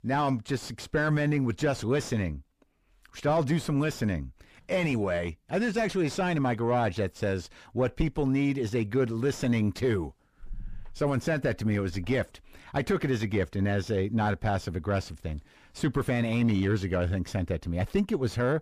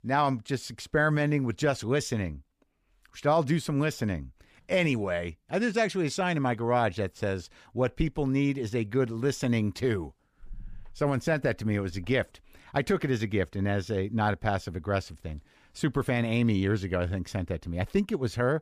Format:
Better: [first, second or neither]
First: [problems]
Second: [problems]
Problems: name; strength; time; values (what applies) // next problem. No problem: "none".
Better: second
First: distortion; slight; 10 dB below the speech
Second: none